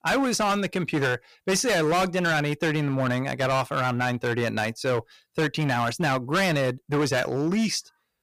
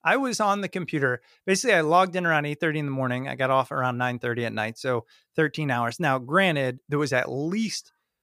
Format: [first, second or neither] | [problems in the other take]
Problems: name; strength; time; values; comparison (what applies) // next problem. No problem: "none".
second | distortion; heavy; 17% of the sound clipped